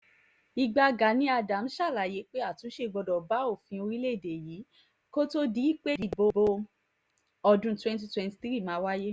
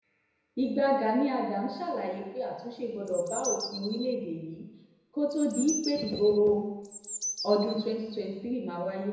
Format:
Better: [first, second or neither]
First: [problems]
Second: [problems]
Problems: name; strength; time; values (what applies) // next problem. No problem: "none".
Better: first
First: none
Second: background sound (Bird); 8 dB below the speech // room echo; dies away in 1 s